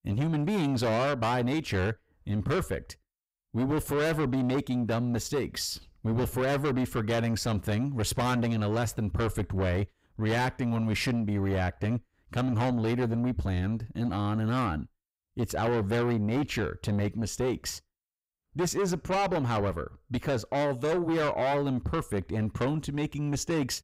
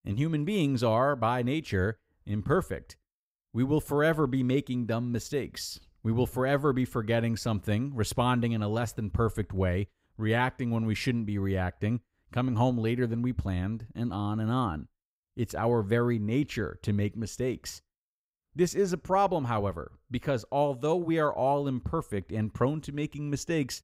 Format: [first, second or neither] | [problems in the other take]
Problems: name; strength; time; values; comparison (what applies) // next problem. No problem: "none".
second | distortion; heavy; 7 dB below the speech